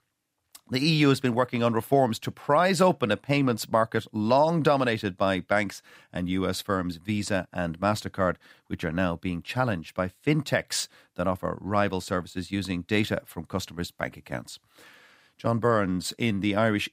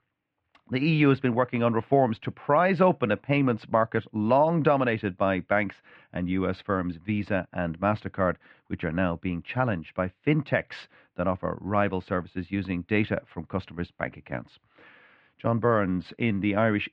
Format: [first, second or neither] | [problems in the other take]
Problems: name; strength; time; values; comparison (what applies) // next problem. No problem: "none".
first | muffled; very; fading above 2.5 kHz